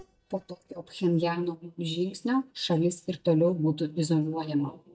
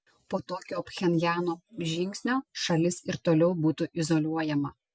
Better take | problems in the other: second | noise reduction (neural mask model DeepFilterNet 3)

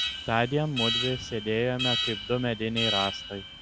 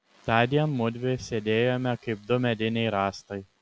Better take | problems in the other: second | background sound (Alarm); 3 dB below the speech

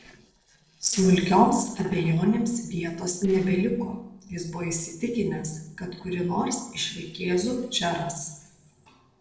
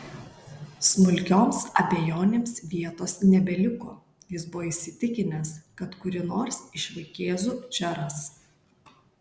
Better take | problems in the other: second | noise reduction (neural separator model SepFormer DNS4)

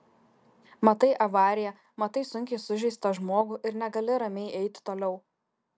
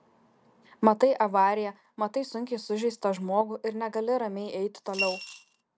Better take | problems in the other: first | background sound (Coin (dropping) / Glass); 7 dB below the speech

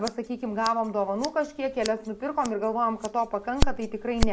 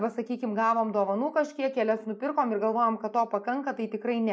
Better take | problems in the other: second | background sound (Scissors); 2 dB below the speech

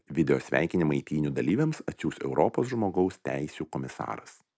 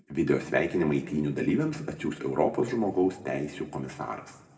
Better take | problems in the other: first | room echo; dies away in 1.4 s

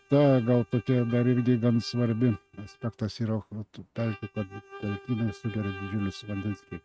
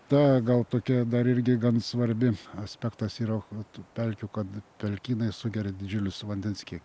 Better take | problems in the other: second | noise reduction (neural mask model RNNoise)

